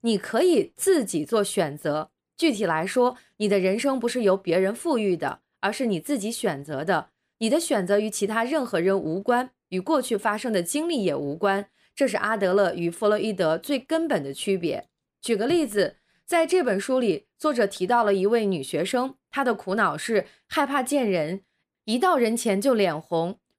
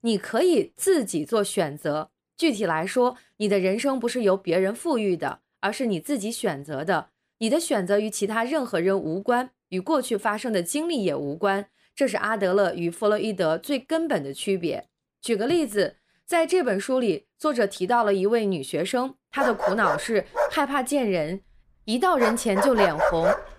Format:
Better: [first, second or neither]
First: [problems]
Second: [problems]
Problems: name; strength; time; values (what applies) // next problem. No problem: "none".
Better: first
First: none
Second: dog barking; loud; from 19 s on; peak 2 dB above the speech